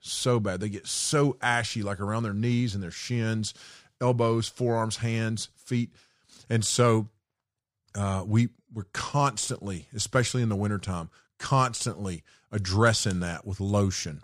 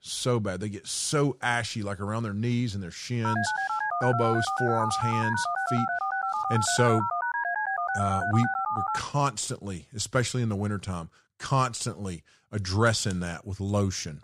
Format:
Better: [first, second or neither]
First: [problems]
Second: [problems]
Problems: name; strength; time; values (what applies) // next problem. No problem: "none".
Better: first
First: none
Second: phone ringing; loud; from 3 to 9 s; peak 1 dB above the speech